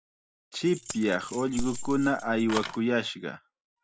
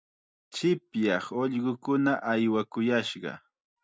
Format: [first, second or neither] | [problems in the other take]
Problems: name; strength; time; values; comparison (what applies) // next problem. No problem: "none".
second | background sound (Keys jangling); 8 dB below the speech